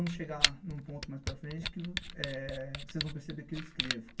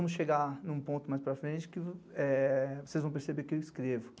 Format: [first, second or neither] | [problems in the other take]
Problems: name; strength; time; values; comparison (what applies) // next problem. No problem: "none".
second | background sound (Camera); 2 dB above the speech // room echo; dies away in 0.1 s